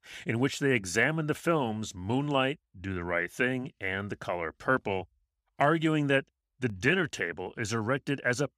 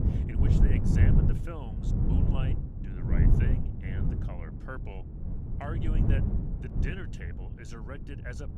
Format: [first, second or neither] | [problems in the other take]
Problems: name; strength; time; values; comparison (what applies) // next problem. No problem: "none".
first | wind noise on the microphone; heavy; 3 dB above the speech